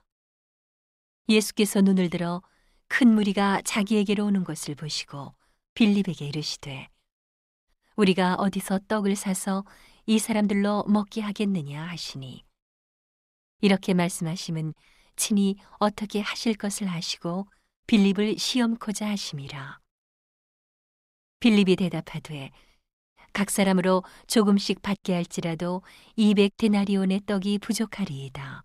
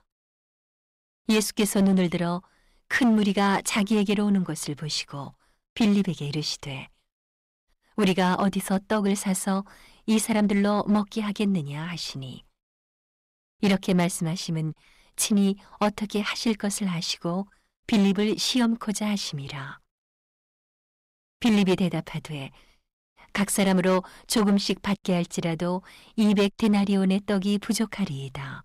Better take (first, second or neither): first